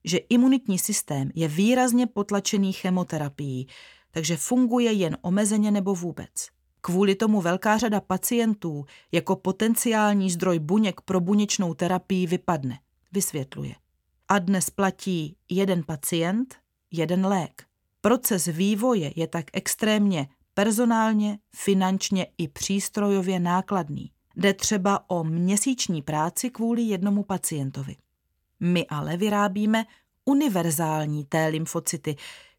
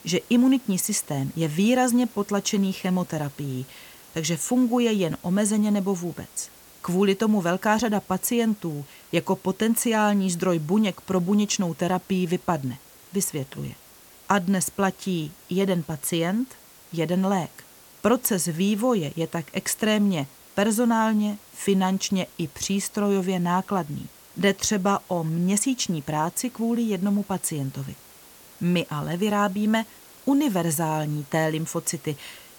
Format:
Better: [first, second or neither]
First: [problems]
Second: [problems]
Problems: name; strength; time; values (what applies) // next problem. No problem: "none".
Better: first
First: none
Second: hiss; faint; throughout; 25 dB below the speech